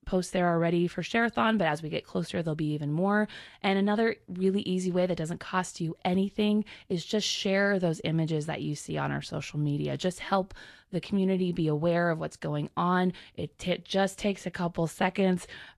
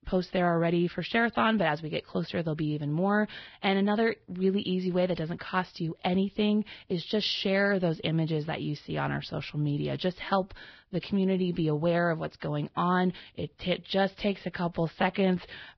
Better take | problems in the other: first | garbled, watery; badly; nothing above 5 kHz; slightly in the first

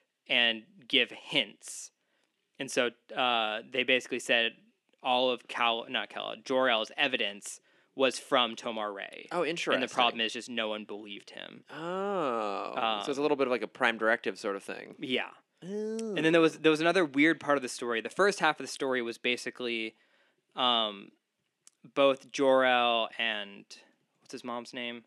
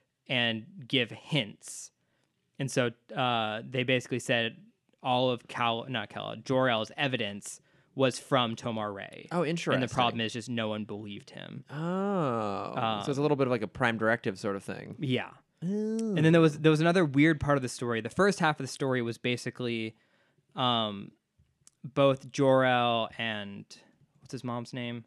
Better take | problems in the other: second | thin; very slightly; fading below 250 Hz

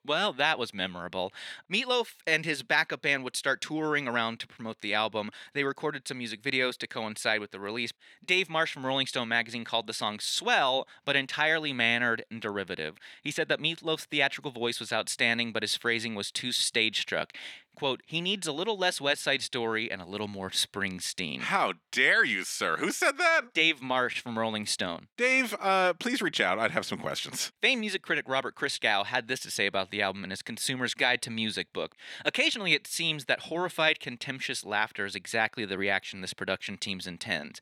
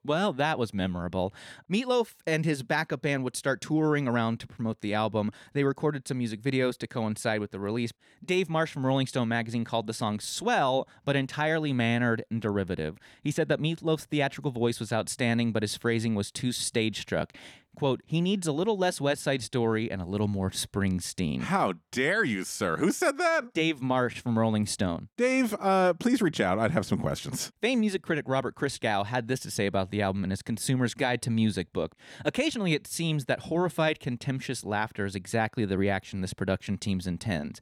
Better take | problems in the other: second | thin; somewhat; fading below 550 Hz

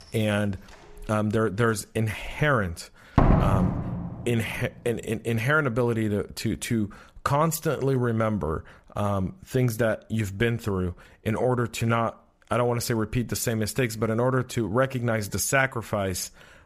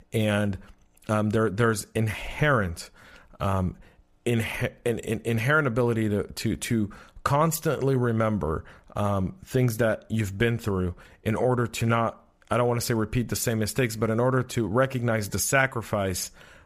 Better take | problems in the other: second | door banging; loud; at 3 s; peak 5 dB above the speech

